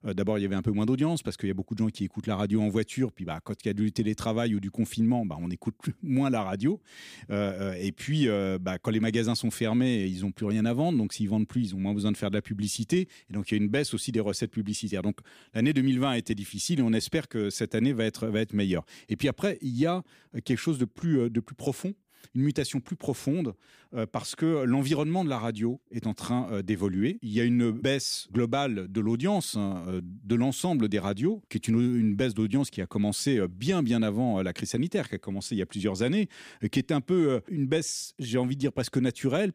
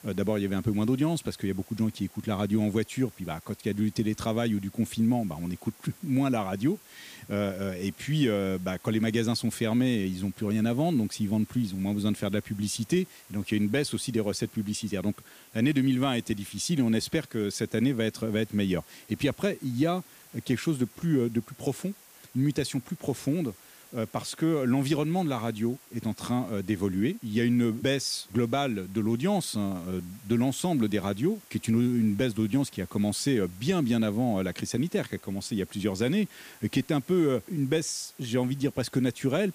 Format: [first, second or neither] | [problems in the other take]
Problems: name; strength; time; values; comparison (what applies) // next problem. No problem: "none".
first | hiss; faint; throughout; 25 dB below the speech